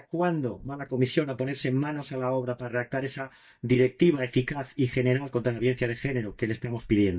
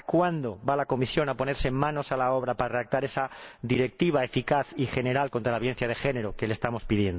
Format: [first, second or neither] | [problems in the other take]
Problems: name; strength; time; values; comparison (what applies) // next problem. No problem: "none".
second | noise reduction (neural mask model DeepFilterNet 3)